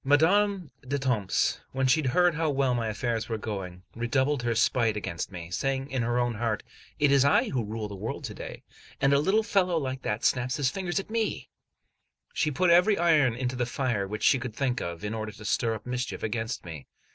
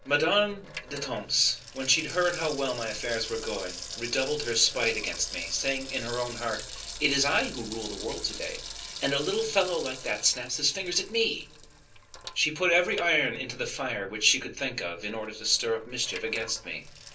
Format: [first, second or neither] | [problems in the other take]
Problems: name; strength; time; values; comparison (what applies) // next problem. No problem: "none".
first | background sound (Sink (filling or washing) / Water tap, faucet); 12 dB below the speech // room echo; dies away in 0.3 s